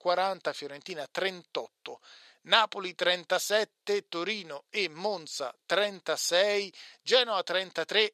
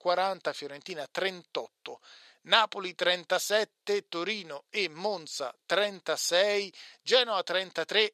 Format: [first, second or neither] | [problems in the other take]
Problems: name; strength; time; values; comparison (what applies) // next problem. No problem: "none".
neither | thin; very; fading below 600 Hz; the same in both